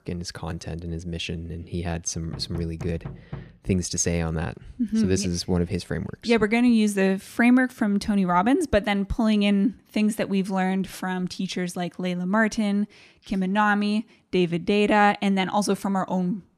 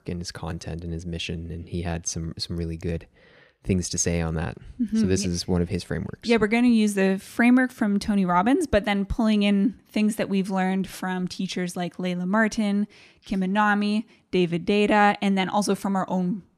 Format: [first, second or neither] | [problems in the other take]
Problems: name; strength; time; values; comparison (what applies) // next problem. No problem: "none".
second | door banging; faint; from 2.5 to 3.5 s; peak 15 dB below the speech